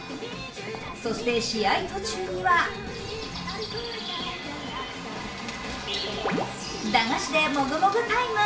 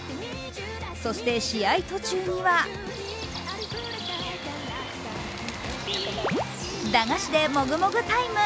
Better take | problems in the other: second | background sound (Thunder); 19 dB below the speech // room echo; dies away in 0.4 s

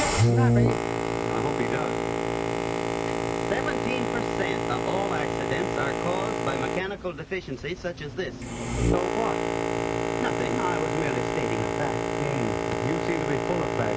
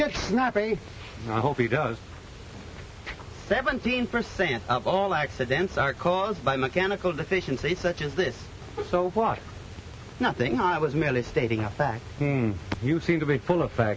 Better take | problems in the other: second | background sound (Boat, Water vehicle); 5 dB above the speech

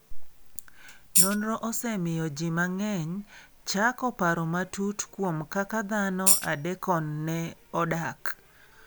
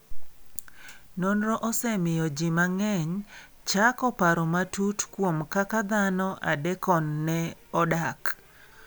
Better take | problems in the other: second | background sound (Tambourine); 4 dB above the speech

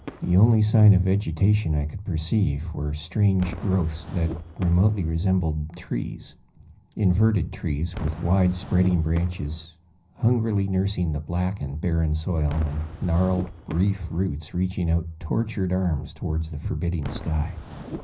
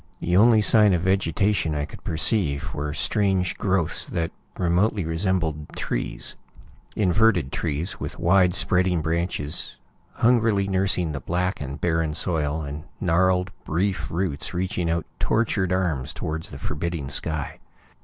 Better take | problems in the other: second | background sound (Whoosh, swoosh, swish / Fireworks); 17 dB below the speech // room echo; dies away in 0.4 s

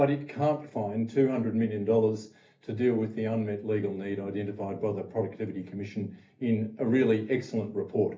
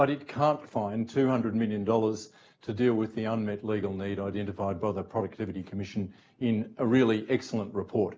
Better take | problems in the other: second | room echo; dies away in 0.3 s

